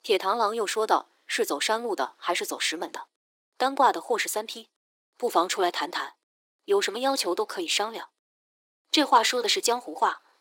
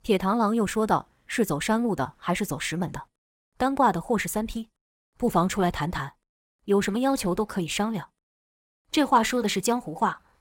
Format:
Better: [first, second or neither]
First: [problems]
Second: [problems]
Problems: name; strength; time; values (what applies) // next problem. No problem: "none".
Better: second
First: thin; somewhat; fading below 300 Hz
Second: none